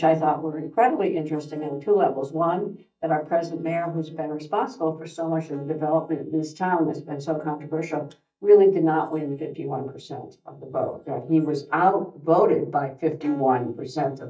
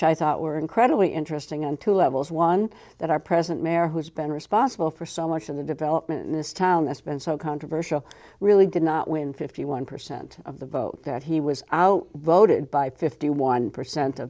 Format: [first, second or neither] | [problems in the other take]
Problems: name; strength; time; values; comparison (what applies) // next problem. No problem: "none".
second | noise reduction (neural mask model DeepFilterNet 3)